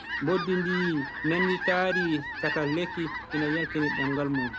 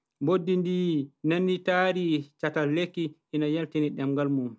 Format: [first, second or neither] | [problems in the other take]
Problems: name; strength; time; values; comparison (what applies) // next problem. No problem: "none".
second | background sound (Fowl); 4 dB below the speech